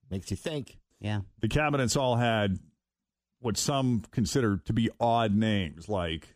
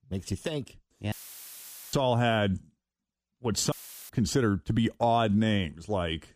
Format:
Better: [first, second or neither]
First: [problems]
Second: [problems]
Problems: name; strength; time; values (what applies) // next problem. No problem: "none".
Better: first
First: none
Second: audio cutting out; filled with static; at 1 s for 1 s and at 3.5 s